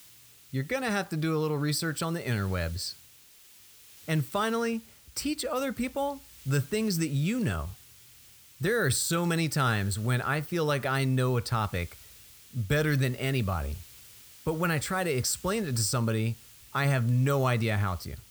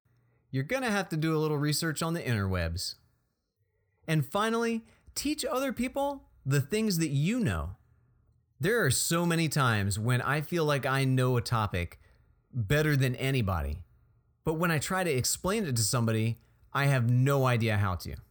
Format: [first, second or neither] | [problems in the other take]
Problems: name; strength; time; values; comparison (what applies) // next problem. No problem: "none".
second | hiss; faint; throughout; 20 dB below the speech